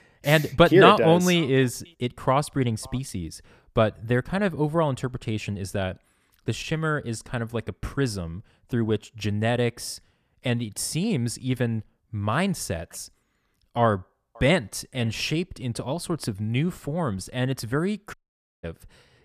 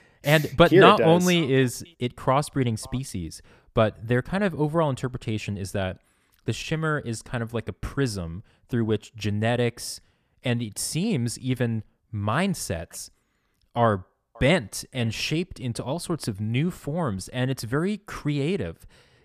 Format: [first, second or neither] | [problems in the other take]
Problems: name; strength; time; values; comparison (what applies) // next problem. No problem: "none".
second | audio cutting out; at 18 s